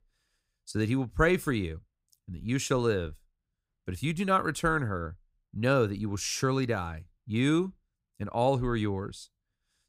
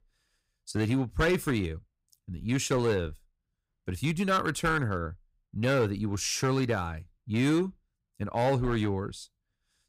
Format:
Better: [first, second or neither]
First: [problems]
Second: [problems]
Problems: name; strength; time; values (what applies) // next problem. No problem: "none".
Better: first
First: none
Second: distortion; slight; 5% of the sound clipped